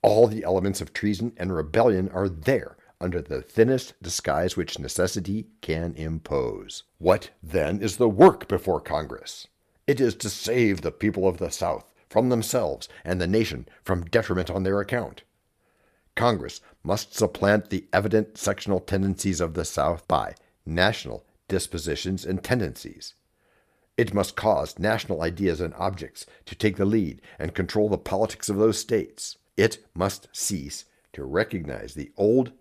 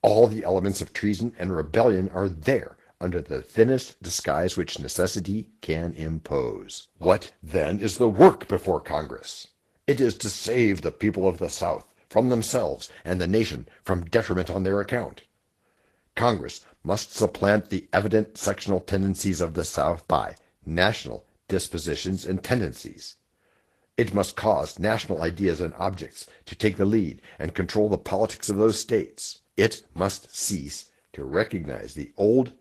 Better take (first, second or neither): first